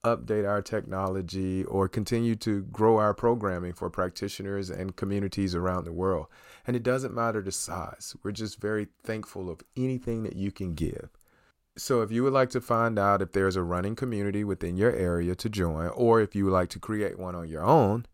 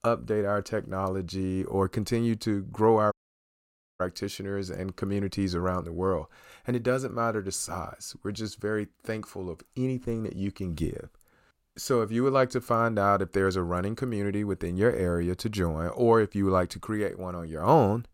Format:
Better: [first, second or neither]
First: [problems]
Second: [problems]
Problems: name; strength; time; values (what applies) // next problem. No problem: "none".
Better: first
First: none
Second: audio cutting out; at 3 s for 1 s